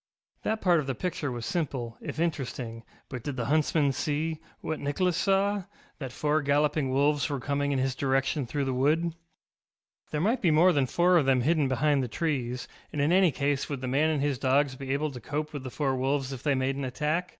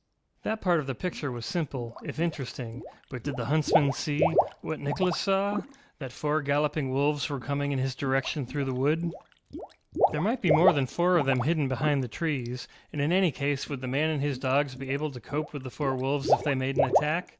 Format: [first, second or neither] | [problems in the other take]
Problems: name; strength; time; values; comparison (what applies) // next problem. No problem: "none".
first | background sound (Water / Liquid); 5 dB below the speech